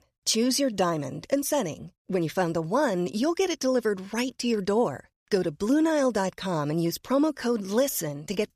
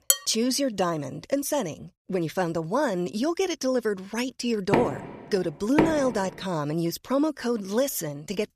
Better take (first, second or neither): first